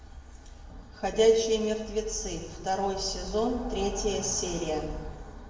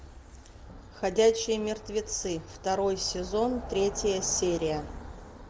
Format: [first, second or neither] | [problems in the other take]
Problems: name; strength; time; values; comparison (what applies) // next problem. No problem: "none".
second | room echo; dies away in 1.1 s